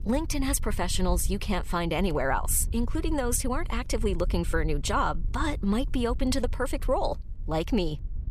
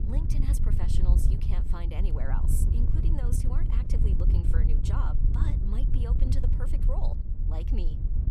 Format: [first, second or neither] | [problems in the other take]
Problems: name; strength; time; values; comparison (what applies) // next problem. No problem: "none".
first | wind noise on the microphone; heavy; as loud as the speech; occasional gusts in the first